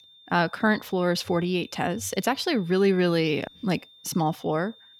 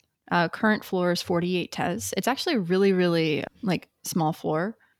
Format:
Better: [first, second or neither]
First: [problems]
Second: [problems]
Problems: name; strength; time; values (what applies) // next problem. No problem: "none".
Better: second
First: high-pitched whine; faint; throughout; 3.5 kHz, 25 dB below the speech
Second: none